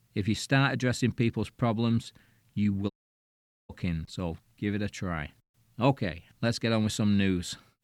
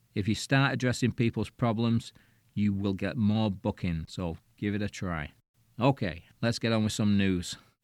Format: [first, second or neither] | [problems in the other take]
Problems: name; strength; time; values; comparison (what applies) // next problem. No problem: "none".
second | audio cutting out; at 3 s for 1 s